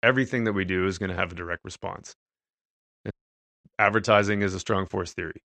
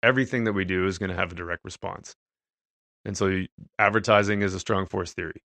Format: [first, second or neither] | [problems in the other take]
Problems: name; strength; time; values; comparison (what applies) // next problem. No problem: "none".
second | audio cutting out; at 3 s for 0.5 s